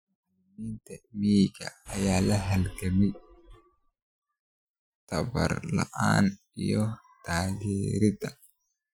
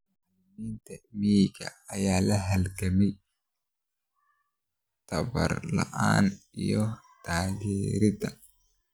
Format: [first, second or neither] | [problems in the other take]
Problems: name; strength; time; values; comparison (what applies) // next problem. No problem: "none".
second | noise reduction (classical method Wiener filter)